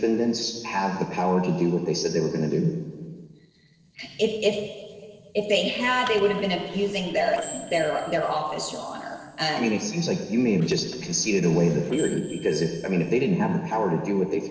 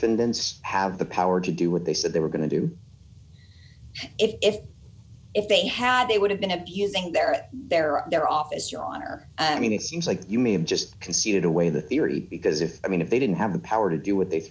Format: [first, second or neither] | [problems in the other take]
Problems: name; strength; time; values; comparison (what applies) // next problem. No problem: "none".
second | noise reduction (neural separator model SepFormer DNS4)